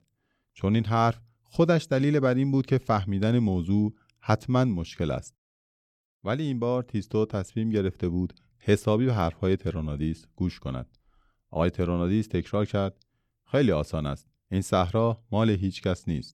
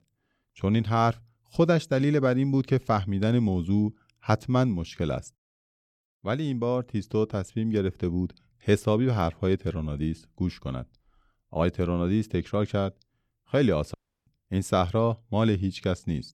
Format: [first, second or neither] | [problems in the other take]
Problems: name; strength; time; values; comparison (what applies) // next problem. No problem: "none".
first | audio cutting out; at 14 s